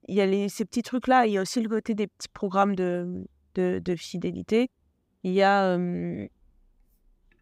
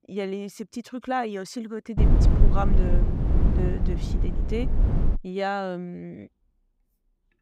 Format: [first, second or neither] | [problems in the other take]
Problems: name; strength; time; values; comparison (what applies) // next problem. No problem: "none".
first | low rumble; loud; from 2 to 5 s; 4 dB below the speech